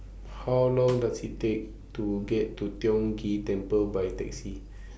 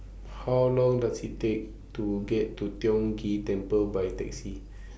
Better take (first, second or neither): second